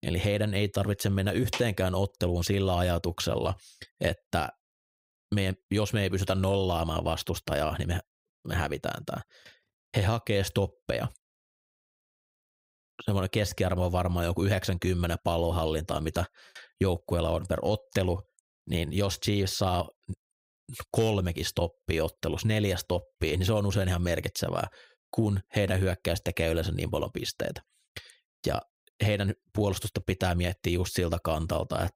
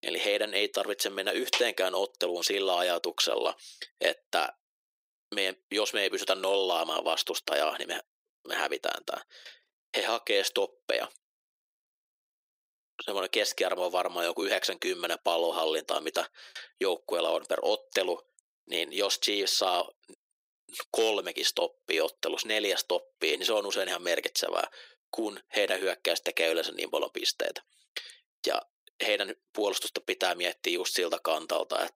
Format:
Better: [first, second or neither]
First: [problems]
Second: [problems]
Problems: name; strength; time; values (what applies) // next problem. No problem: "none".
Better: first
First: none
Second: thin; very; fading below 350 Hz